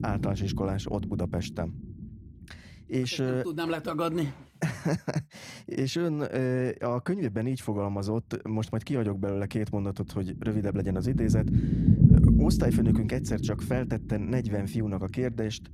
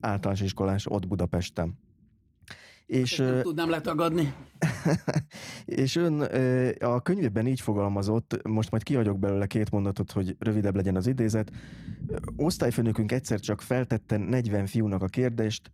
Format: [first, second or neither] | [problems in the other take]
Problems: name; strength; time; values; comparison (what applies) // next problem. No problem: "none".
second | low rumble; loud; throughout; 2 dB below the speech; faint in the second